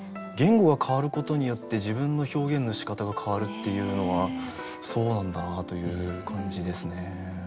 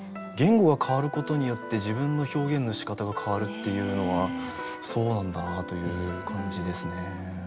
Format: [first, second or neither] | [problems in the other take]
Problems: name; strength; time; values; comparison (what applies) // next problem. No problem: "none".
first | background sound (Trumpet); 15 dB below the speech